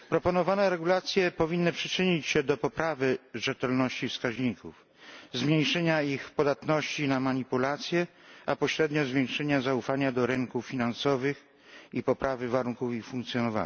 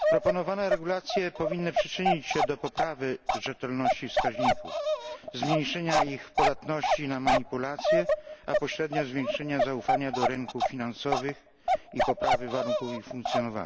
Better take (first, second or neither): first